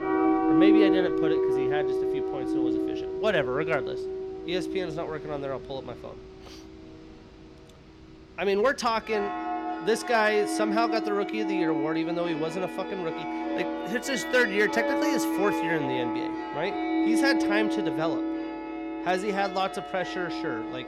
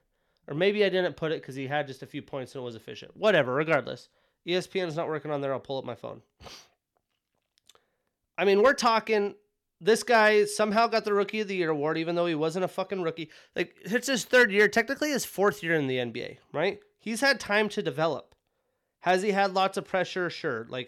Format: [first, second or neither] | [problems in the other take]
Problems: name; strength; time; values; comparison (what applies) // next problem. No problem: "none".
second | background music; very loud; throughout; 1 dB above the speech